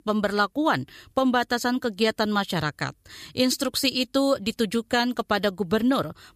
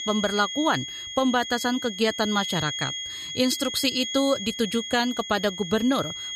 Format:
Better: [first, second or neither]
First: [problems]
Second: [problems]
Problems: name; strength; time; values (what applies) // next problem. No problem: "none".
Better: first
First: none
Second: high-pitched whine; loud; throughout; 3.5 kHz, 6 dB below the speech